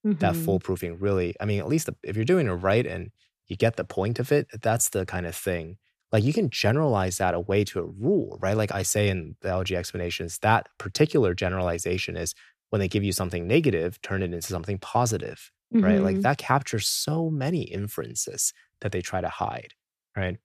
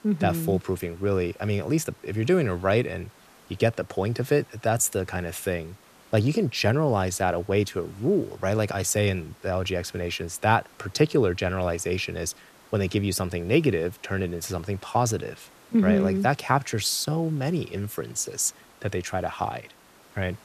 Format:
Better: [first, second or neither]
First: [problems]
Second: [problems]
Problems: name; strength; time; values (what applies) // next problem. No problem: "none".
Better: first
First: none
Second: hiss; faint; throughout; 25 dB below the speech